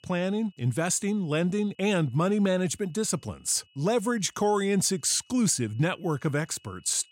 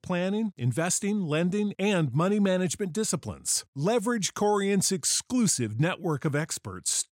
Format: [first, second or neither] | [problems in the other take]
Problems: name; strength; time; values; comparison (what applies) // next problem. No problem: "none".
second | high-pitched whine; faint; throughout; 3 kHz, 35 dB below the speech